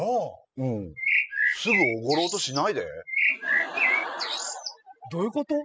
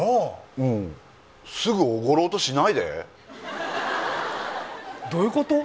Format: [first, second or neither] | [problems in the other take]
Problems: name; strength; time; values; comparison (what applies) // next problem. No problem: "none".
second | noise reduction (classical method spectral subtraction)